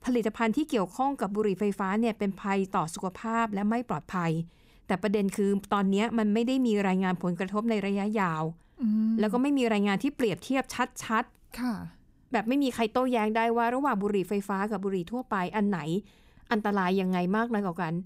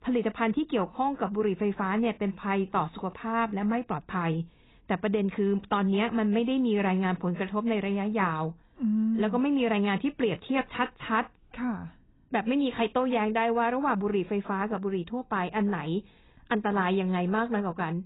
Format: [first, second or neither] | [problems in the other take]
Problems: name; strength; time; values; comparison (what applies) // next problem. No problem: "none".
first | garbled, watery; badly; nothing above 4 kHz